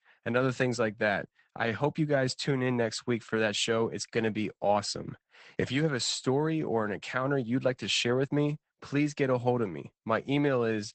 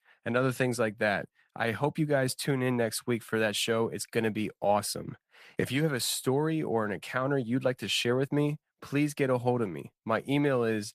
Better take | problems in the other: second | garbled, watery; badly; nothing above 8 kHz; slightly in the second

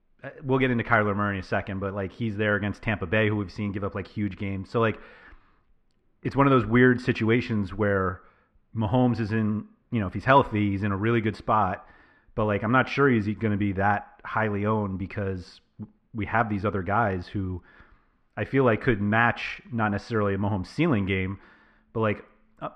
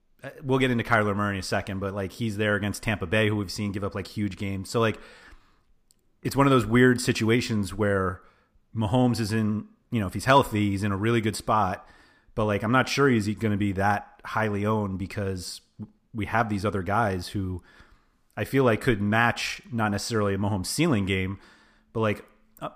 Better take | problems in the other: second | muffled; slightly; fading above 2 kHz

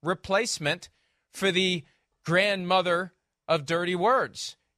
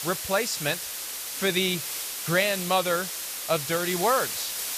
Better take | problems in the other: first | hiss; loud; throughout; 4 dB below the speech

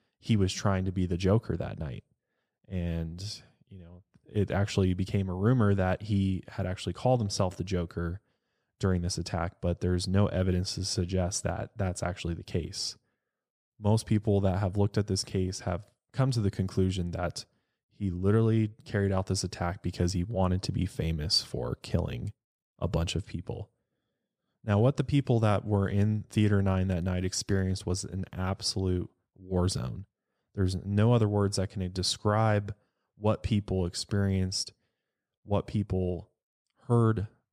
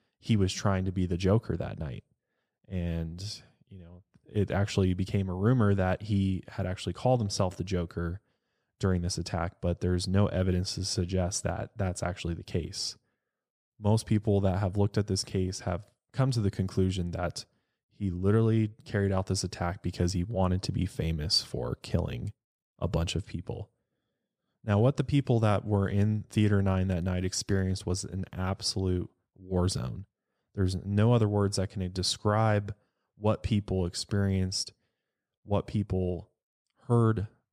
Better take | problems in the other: neither | none

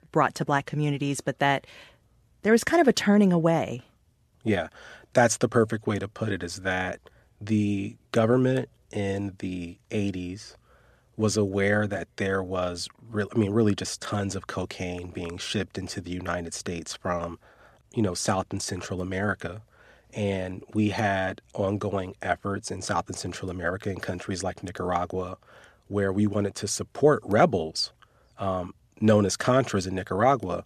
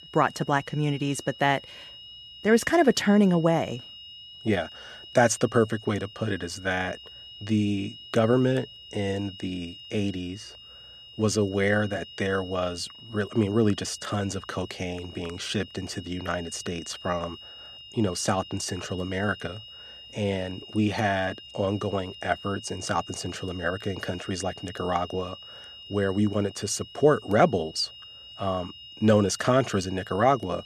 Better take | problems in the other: first | high-pitched whine; noticeable; throughout; 3 kHz, 15 dB below the speech

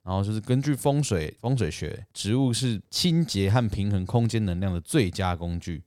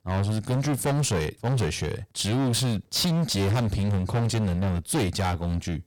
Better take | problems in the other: first | distortion; heavy; 26% of the sound clipped

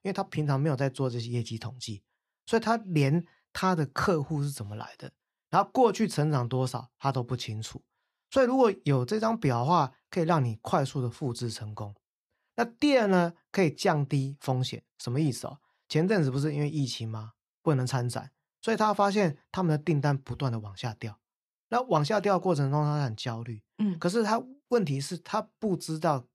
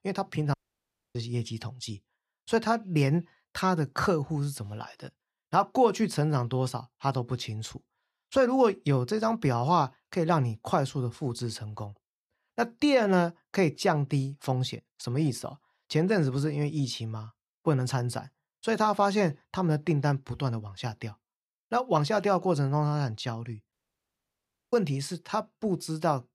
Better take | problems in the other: first | audio cutting out; at 0.5 s for 0.5 s and at 24 s for 1 s

